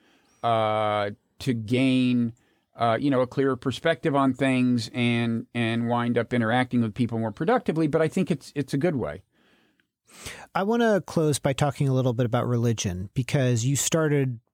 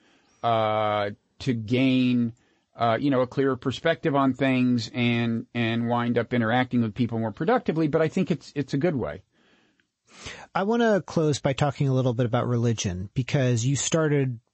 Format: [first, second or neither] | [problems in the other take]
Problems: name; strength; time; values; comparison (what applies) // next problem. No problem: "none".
first | garbled, watery; slightly; nothing above 8 kHz